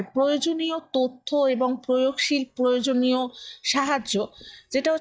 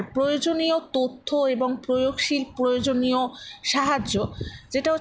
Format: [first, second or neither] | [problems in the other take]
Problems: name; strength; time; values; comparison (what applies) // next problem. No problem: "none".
second | noise reduction (neural mask model DeepFilterNet 3)